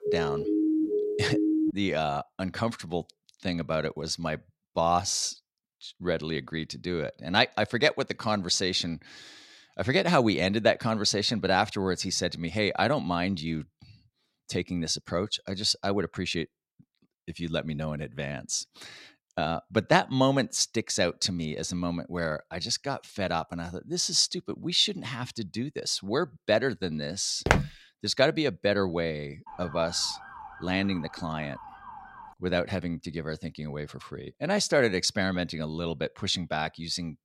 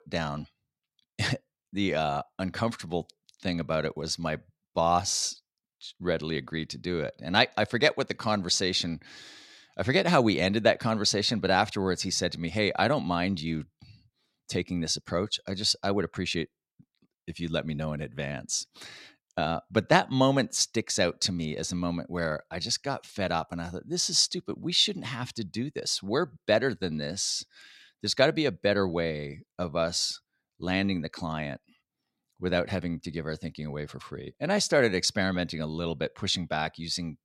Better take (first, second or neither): second